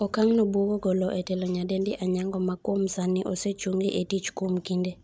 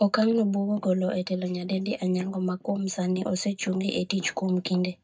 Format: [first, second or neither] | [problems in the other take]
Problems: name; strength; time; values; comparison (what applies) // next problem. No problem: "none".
first | noise reduction (neural mask model DeepFilterNet 3)